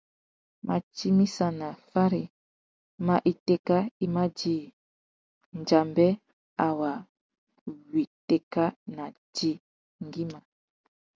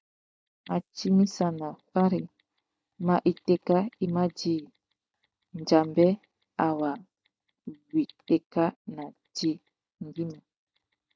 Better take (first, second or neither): first